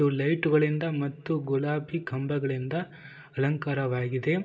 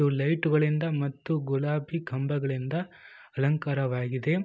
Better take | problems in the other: second | room echo; dies away in 2.8 s

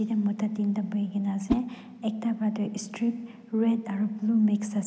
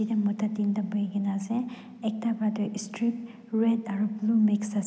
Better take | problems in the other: second | background sound (Whoosh, swoosh, swish); 10 dB below the speech

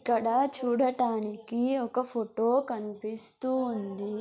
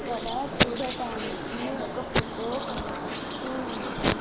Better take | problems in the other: first | background sound (Packing tape, duct tape + Bird); 5 dB above the speech

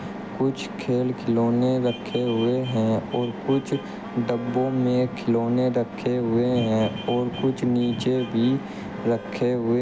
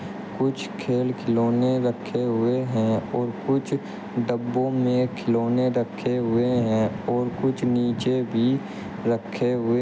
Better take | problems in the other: second | background sound (Wind instrument, woodwind instrument + Vehicle horn, car horn, honking); 19 dB below the speech

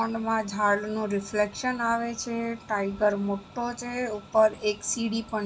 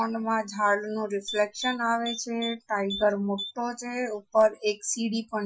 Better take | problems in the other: first | noise reduction (classical method Wiener filter)

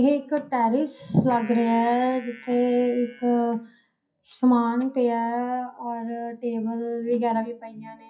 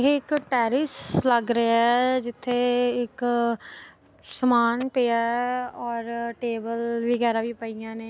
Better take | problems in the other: second | noise reduction (classical method WPE with log-MMSE)

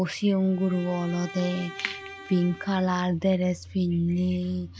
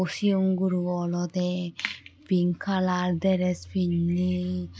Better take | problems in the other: second | background sound (Bowed string instrument); 16 dB below the speech

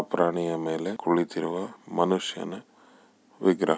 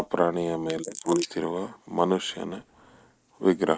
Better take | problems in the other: first | noise reduction (neural mask model Resemble Enhance denoiser)

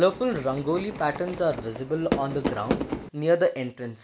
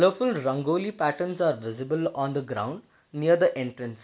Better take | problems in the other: second | background sound (Fireworks); 6 dB below the speech

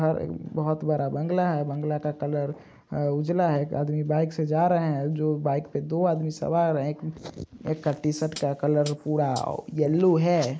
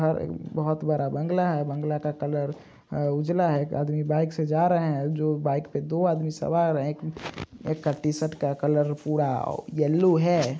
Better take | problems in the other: second | noise reduction (neural mask model Resemble Enhance denoiser)

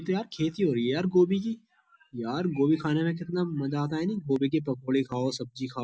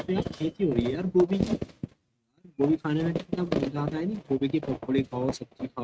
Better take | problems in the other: first | noise reduction (neural mask model RNNoise)

